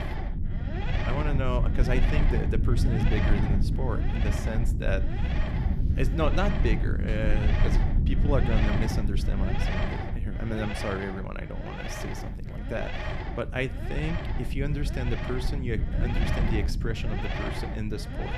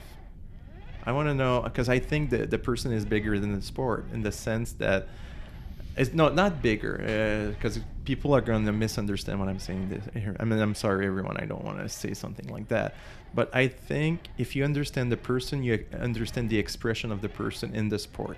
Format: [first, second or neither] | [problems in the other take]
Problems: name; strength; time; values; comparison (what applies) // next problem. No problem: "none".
second | low rumble; loud; throughout; 2 dB below the speech; faint in the second